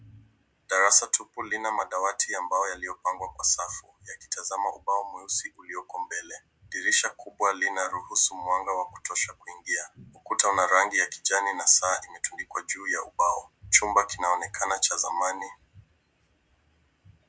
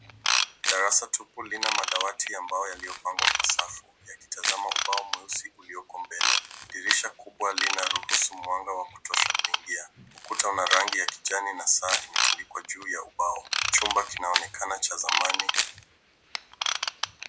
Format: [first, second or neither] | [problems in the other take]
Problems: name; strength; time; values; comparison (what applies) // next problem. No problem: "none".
first | background sound (Camera + Ratchet, pawl / Tools); 1 dB above the speech